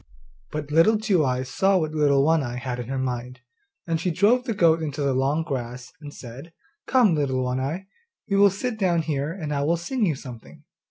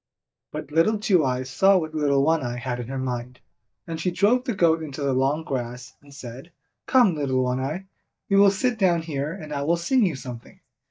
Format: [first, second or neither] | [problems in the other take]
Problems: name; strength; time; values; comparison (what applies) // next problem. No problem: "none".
first | noise reduction (neural mask model DeepFilterNet 3)